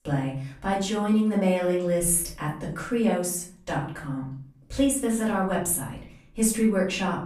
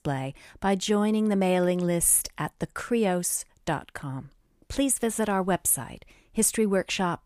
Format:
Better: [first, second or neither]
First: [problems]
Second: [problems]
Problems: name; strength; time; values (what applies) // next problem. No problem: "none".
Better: second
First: off-mic speech; far // room echo; slight; dies away in 0.5 s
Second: none